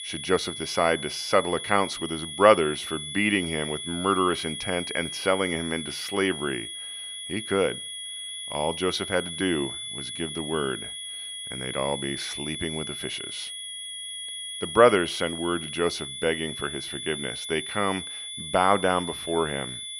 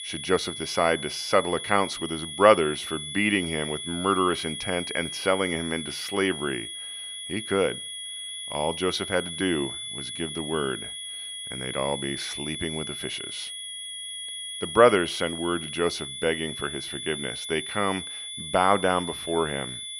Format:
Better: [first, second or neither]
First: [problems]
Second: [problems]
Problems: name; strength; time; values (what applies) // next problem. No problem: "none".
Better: neither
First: high-pitched whine; loud; throughout; 3.5 kHz, 7 dB below the speech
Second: high-pitched whine; loud; throughout; 3.5 kHz, 7 dB below the speech